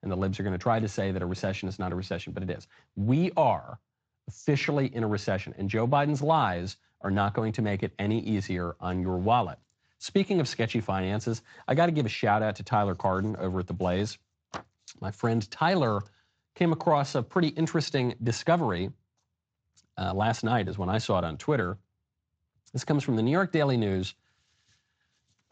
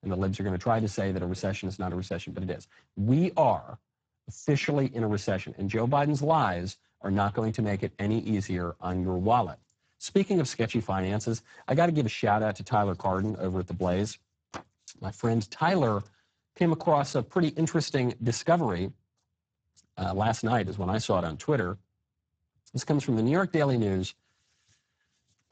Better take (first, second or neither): first